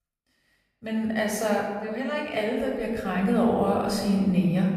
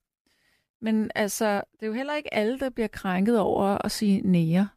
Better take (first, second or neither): second